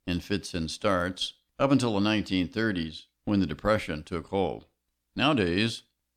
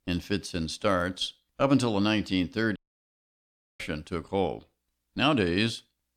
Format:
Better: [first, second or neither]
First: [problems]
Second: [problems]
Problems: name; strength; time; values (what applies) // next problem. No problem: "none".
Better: first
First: none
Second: audio cutting out; at 3 s for 1 s